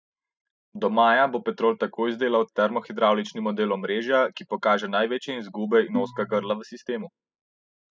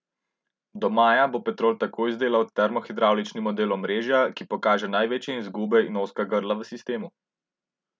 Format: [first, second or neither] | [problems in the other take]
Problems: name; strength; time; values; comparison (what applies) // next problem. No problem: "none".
second | noise reduction (classical method spectral subtraction)